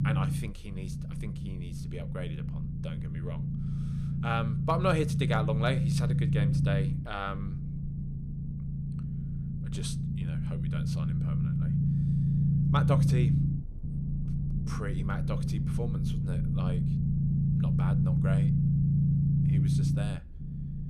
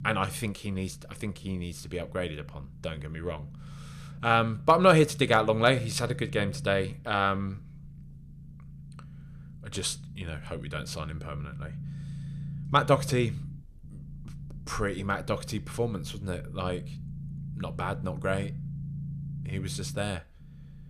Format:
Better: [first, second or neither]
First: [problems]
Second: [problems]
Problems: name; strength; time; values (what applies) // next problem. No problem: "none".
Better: second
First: low rumble; loud; throughout; 4 dB below the speech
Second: low rumble; faint; throughout; 25 dB below the speech